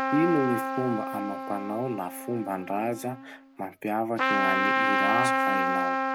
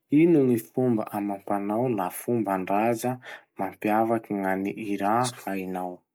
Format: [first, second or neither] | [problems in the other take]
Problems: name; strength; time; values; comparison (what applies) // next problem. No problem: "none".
second | background sound (Trumpet); 2 dB above the speech